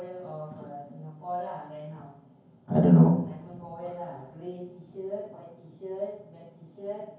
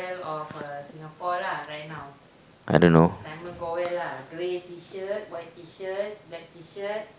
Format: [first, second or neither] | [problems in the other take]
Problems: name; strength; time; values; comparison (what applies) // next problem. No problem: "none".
second | room echo; dies away in 0.9 s